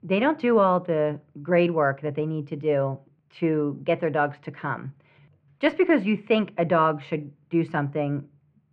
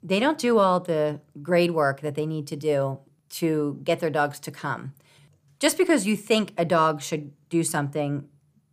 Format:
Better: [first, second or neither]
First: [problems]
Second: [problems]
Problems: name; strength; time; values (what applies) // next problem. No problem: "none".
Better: second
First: muffled; very; fading above 2.5 kHz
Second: none